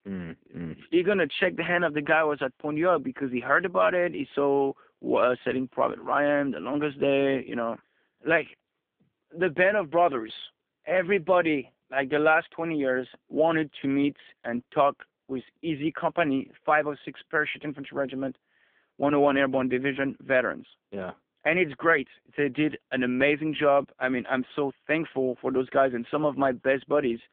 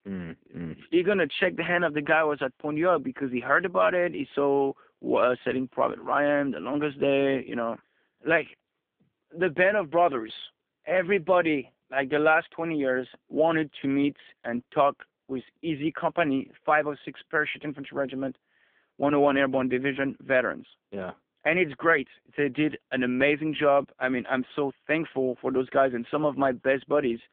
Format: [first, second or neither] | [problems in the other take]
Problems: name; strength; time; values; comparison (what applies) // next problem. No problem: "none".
neither | phone-call audio; poor line; the same in both